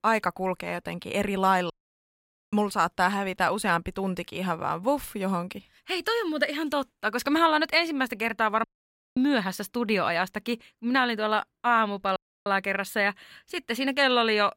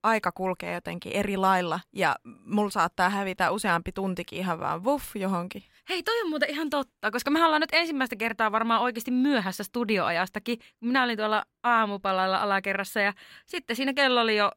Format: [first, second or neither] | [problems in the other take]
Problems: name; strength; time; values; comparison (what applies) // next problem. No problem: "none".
second | audio cutting out; at 1.5 s for 1 s, at 8.5 s for 0.5 s and at 12 s